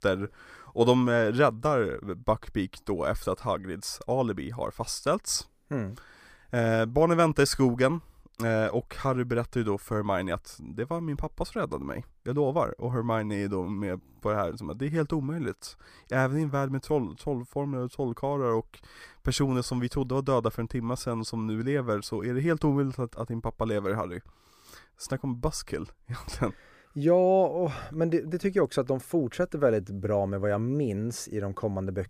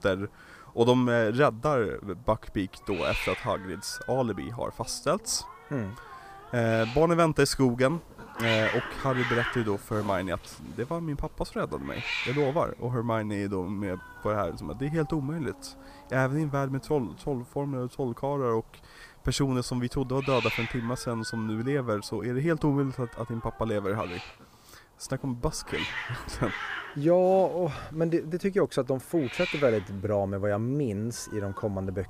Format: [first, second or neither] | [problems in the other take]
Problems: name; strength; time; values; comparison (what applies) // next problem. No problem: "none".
first | hiss; loud; throughout; 8 dB below the speech